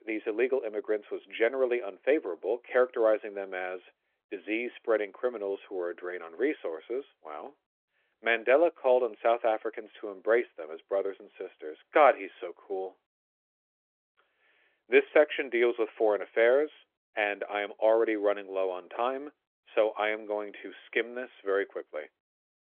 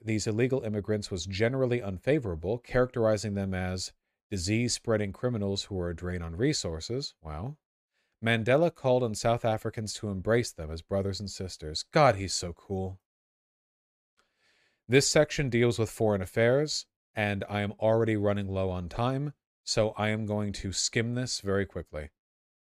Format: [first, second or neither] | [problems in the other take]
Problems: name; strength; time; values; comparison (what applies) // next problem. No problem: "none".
second | phone-call audio; nothing above 3.5 kHz